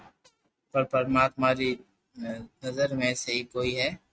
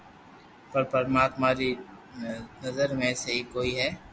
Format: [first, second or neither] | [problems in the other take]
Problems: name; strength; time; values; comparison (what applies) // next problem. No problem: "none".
second | noise reduction (neural mask model RNNoise)